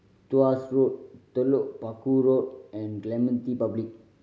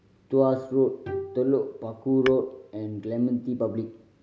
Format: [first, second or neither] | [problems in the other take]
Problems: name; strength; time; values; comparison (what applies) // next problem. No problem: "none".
first | background sound (Tap / Hammer + Bowed string instrument); 14 dB below the speech